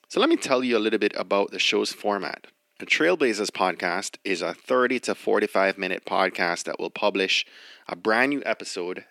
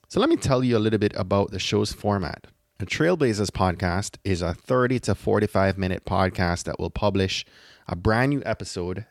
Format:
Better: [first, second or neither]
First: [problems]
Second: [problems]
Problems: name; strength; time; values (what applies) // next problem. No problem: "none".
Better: second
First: thin; somewhat; fading below 250 Hz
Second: none